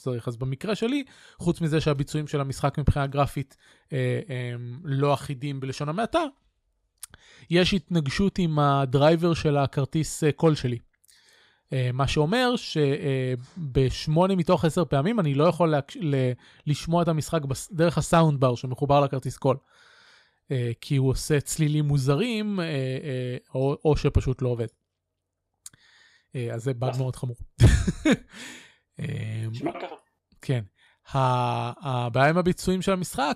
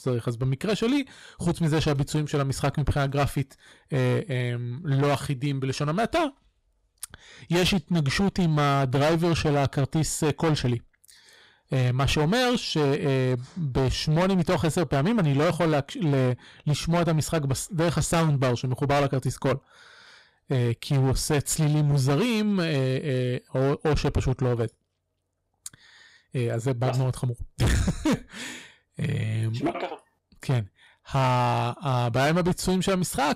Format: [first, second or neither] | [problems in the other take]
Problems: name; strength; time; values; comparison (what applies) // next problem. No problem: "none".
first | distortion; heavy; 16% of the sound clipped